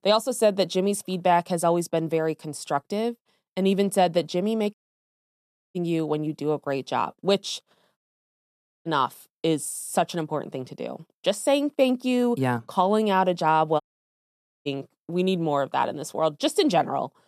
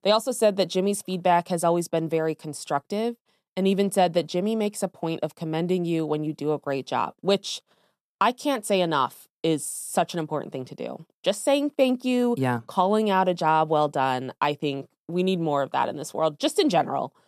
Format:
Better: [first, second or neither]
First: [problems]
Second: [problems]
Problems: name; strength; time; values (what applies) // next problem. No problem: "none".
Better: second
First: audio cutting out; at 4.5 s for 1 s, at 8 s for 1 s and at 14 s for 1 s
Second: none